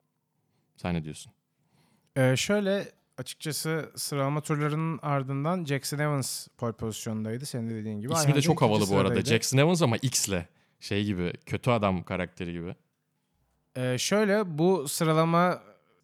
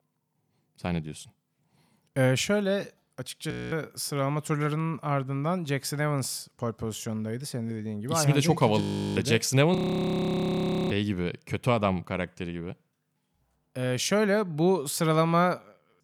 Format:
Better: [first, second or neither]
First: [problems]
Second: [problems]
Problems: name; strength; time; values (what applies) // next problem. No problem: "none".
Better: first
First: none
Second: audio freezing; at 3.5 s, at 9 s and at 10 s for 1 s